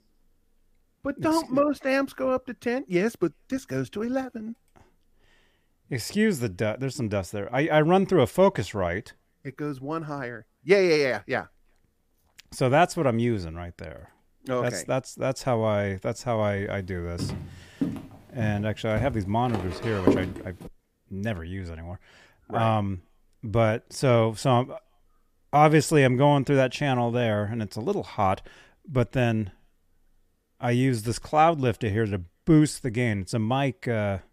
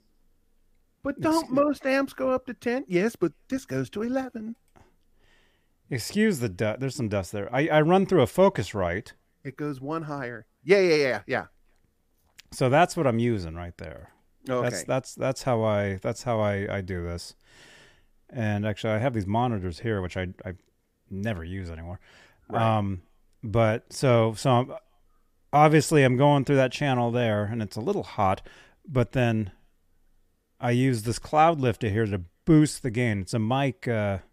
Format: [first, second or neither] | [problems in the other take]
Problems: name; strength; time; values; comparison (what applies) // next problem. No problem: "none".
second | footsteps; loud; from 17 to 20 s; peak 1 dB above the speech